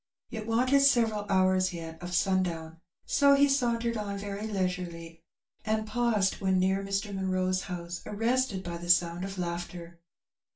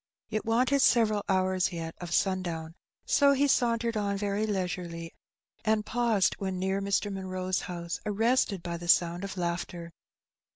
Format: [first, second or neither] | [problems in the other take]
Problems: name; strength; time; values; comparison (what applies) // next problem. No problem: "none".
second | room echo; dies away in 0.2 s